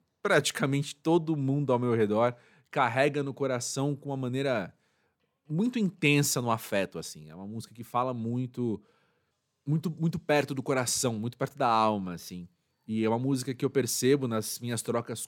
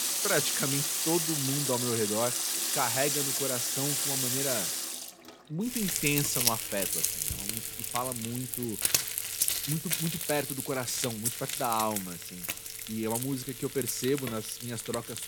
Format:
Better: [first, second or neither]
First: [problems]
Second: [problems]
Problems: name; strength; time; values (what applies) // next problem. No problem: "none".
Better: first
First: none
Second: household noises; very loud; throughout; 3 dB above the speech